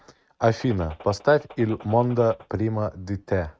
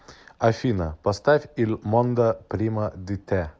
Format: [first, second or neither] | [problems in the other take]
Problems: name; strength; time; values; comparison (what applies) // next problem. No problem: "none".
second | noise reduction (neural mask model RNNoise)